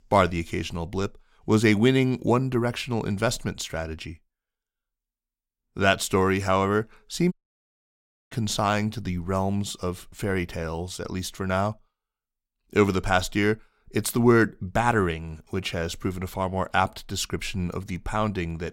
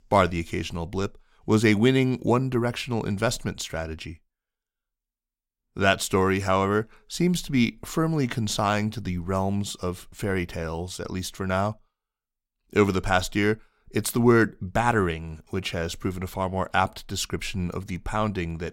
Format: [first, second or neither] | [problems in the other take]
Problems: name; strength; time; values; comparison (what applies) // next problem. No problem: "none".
second | audio cutting out; at 7.5 s for 1 s